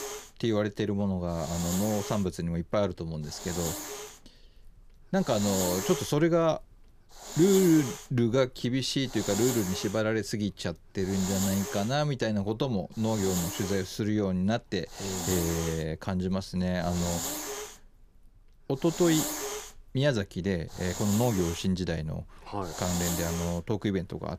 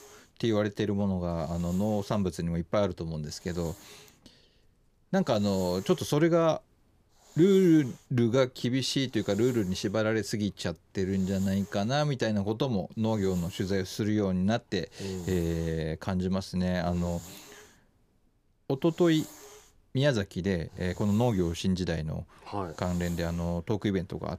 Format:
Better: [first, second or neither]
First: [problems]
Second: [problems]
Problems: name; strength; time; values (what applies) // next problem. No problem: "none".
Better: second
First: hiss; loud; throughout; 6 dB below the speech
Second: hiss; faint; throughout; 20 dB below the speech